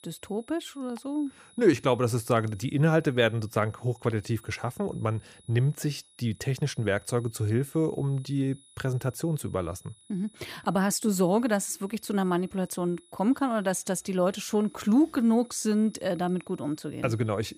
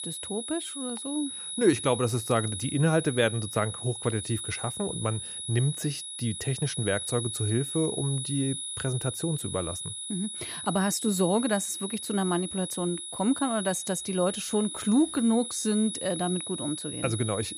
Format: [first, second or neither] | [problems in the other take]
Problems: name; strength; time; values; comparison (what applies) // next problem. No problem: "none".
first | high-pitched whine; loud; throughout; 10 kHz, 5 dB below the speech; faint in the first